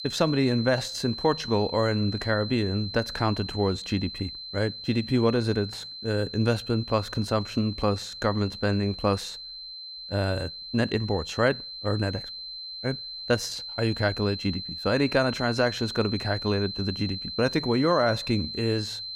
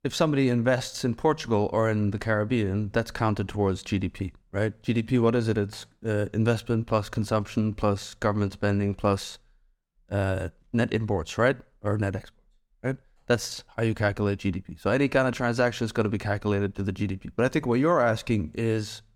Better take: second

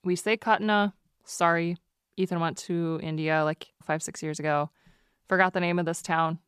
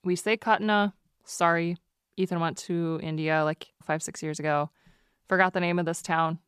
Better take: neither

